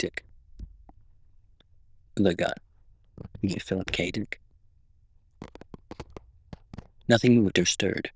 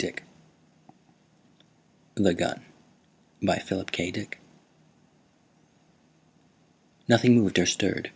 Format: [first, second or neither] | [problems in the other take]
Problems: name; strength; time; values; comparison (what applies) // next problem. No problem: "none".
second | noise reduction (neural diffusion model UNIVERSE++)